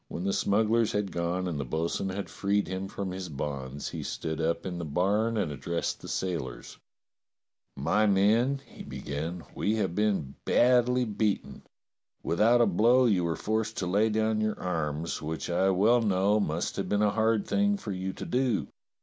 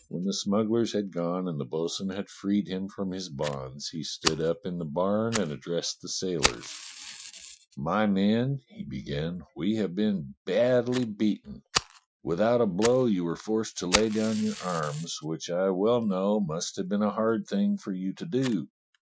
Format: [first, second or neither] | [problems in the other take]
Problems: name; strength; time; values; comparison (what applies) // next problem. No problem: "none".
first | noise reduction (classical method Wiener filter)